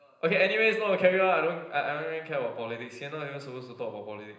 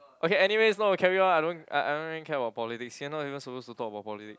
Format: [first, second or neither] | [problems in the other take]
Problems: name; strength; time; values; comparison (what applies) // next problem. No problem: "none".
second | room echo; dies away in 0.9 s